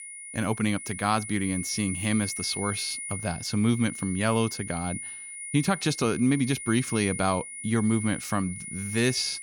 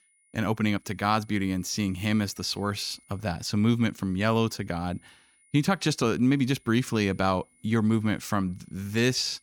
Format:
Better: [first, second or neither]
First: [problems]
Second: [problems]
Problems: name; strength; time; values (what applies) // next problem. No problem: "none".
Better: second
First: high-pitched whine; loud; throughout; 9.5 kHz, 7 dB below the speech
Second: high-pitched whine; faint; throughout; 9.5 kHz, 35 dB below the speech